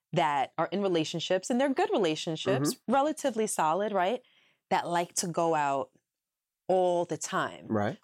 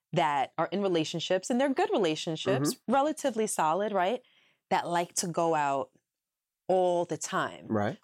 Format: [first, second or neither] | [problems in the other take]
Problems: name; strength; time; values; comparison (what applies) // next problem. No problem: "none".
neither | none